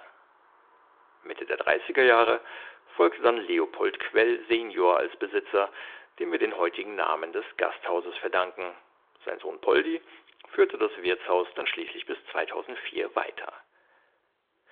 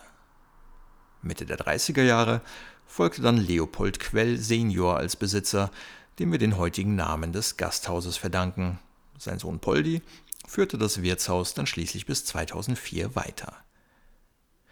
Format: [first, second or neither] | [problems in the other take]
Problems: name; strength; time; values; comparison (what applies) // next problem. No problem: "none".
second | phone-call audio; nothing above 3.5 kHz